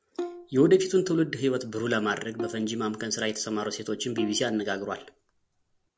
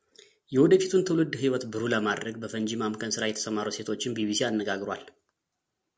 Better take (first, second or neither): second